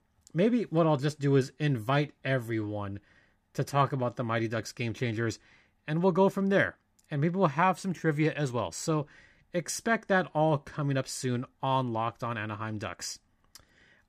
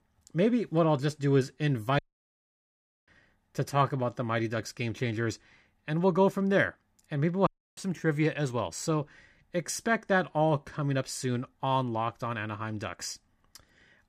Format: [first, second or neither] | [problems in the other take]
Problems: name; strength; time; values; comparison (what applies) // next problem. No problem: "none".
first | audio cutting out; at 2 s for 1 s and at 7.5 s